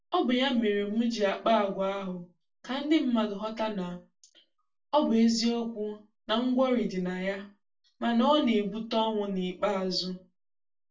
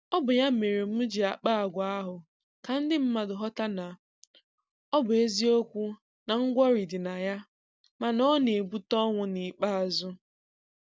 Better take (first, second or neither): second